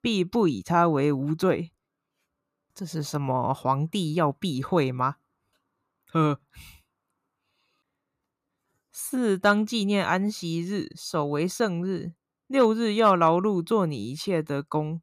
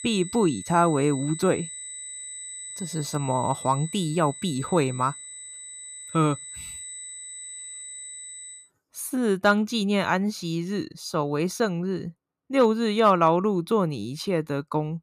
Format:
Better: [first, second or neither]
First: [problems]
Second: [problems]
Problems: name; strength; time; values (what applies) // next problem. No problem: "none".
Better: first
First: none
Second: high-pitched whine; noticeable; until 8.5 s; 8 kHz, 10 dB below the speech